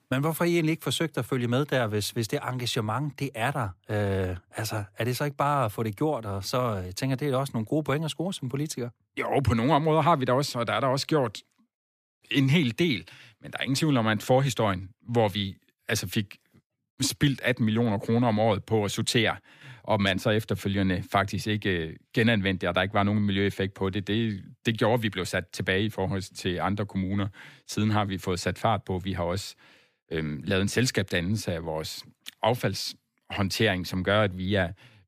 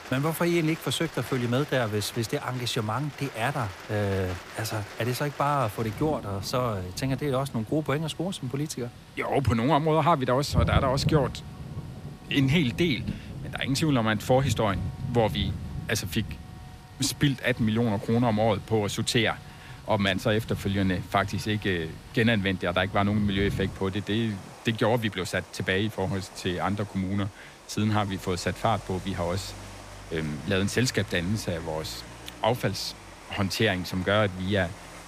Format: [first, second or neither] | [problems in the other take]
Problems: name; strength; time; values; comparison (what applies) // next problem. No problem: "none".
first | rain or running water; noticeable; throughout; 10 dB below the speech